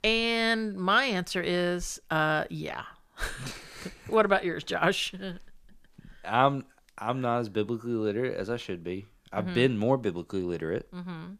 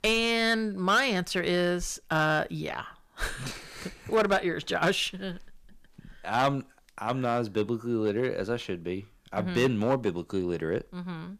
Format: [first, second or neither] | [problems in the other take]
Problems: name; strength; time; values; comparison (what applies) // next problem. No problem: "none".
first | distortion; slight; 2% of the sound clipped